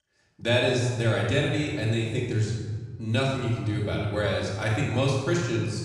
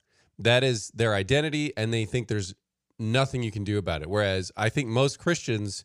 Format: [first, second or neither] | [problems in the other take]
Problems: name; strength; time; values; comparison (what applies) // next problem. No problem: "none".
second | off-mic speech; far // room echo; noticeable; dies away in 1.6 s